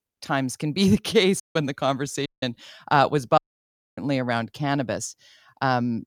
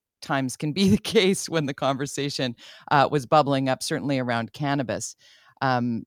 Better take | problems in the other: second | audio cutting out; at 1.5 s, at 2.5 s and at 3.5 s for 0.5 s

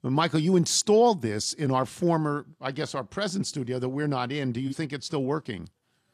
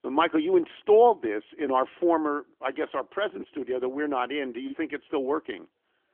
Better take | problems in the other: first | phone-call audio; nothing above 3.5 kHz

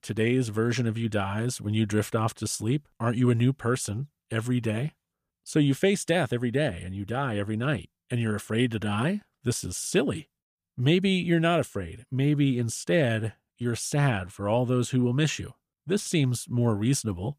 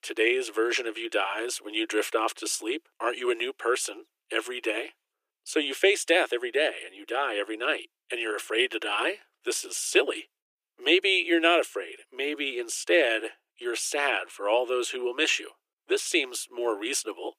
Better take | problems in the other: first | thin; very; fading below 350 Hz

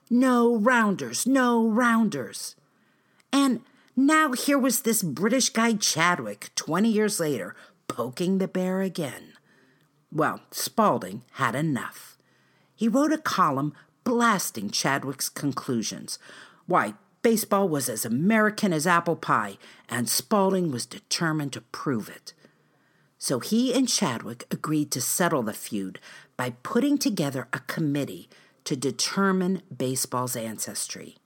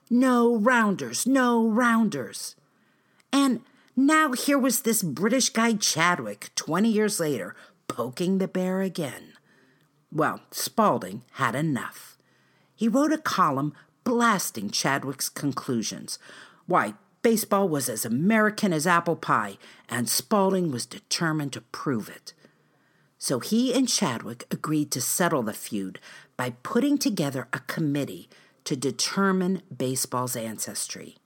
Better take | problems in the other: neither | none

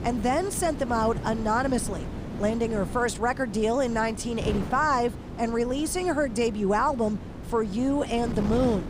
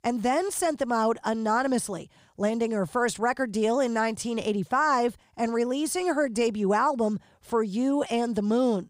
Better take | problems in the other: second | wind noise on the microphone; occasional gusts; 15 dB below the speech

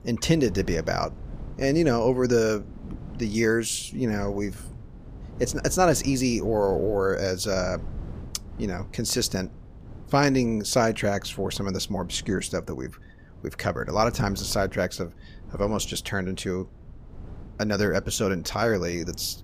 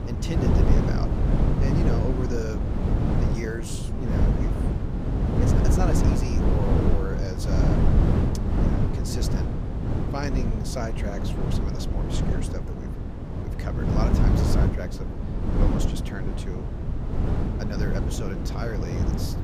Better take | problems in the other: first | wind noise on the microphone; heavy; 3 dB above the speech; occasional gusts in the first

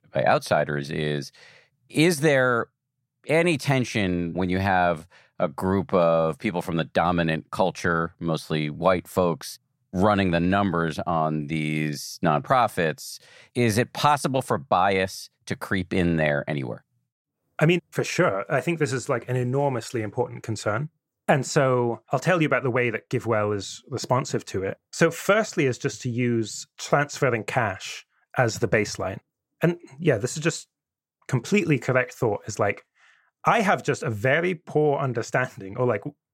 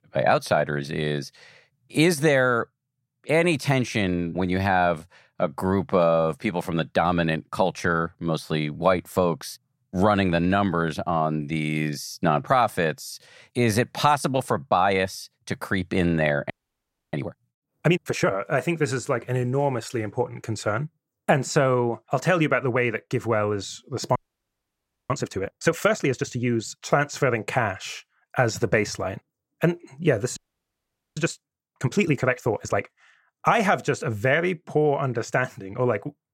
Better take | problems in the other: first | audio freezing; at 17 s for 0.5 s, at 24 s for 1 s and at 30 s for 1 s

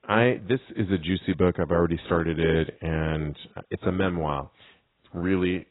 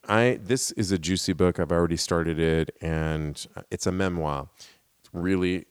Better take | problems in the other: second | garbled, watery; badly; nothing above 4 kHz

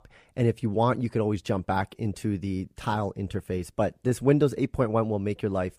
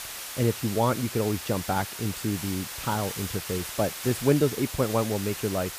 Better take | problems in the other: first | hiss; loud; throughout; 7 dB below the speech

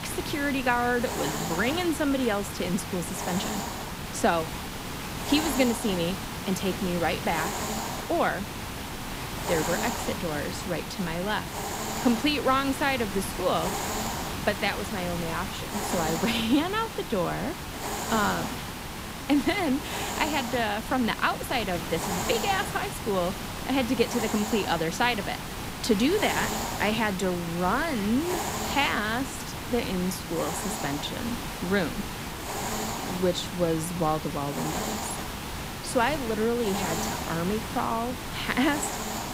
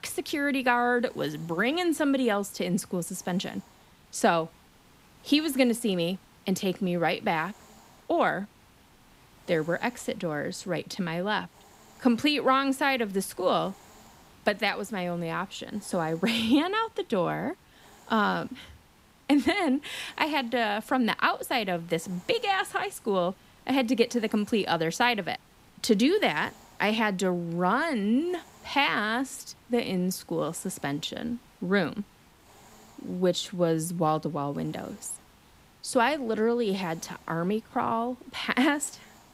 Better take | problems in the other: second | hiss; loud; throughout; 5 dB below the speech; faint in the second

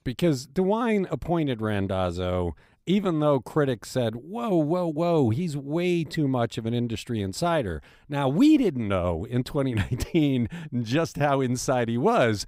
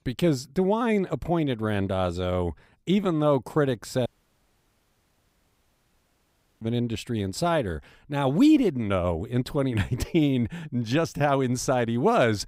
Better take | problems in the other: first | audio cutting out; at 4 s for 2.5 s

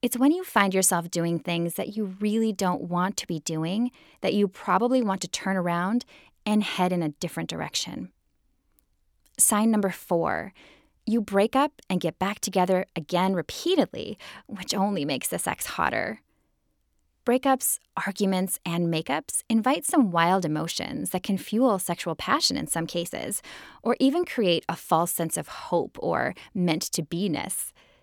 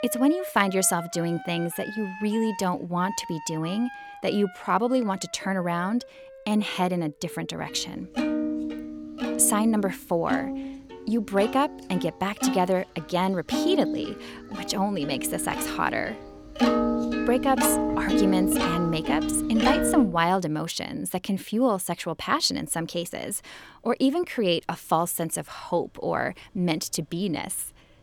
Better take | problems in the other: first | background music; loud; throughout; 3 dB below the speech

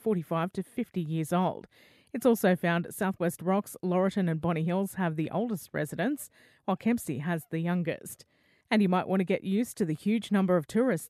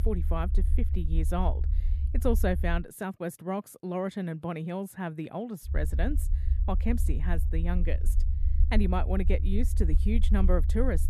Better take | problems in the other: first | low rumble; noticeable; until 3 s and from 5.5 s on; 15 dB below the speech

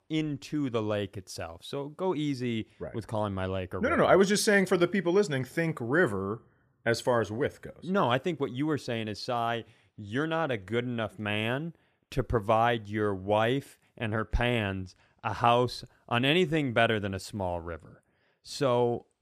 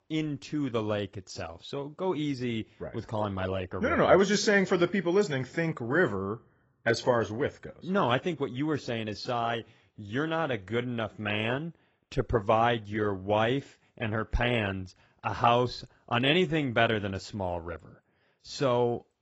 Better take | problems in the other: first | garbled, watery; badly; nothing above 7.5 kHz

